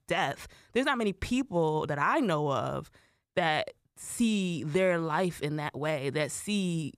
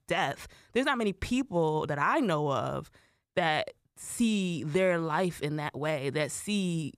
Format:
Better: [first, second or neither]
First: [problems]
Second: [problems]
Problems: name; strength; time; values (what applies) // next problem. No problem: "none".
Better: neither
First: none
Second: none